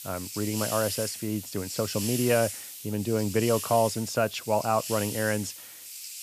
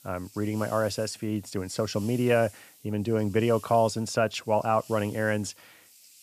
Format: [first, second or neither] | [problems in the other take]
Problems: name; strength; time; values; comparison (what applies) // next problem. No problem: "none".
second | hiss; loud; throughout; 7 dB below the speech; faint in the second